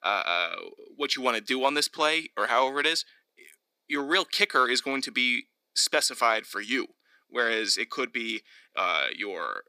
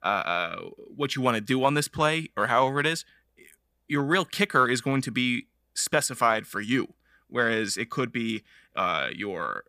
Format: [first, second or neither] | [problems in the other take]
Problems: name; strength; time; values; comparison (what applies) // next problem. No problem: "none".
second | thin; very slightly; fading below 300 Hz